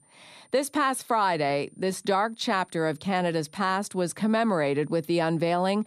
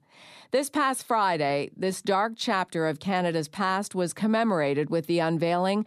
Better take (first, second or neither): second